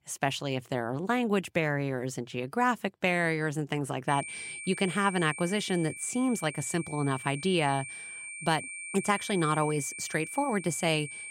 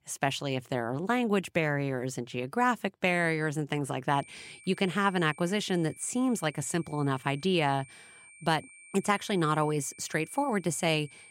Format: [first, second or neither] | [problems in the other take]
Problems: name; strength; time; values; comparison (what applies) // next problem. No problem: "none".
second | high-pitched whine; loud; from 4 s on; 2.5 kHz, 9 dB below the speech; faint in the second